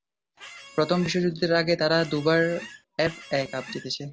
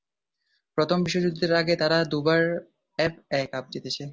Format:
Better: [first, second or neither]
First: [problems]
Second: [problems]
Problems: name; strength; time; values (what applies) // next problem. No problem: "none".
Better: second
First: background sound (Squeak); 18 dB below the speech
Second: none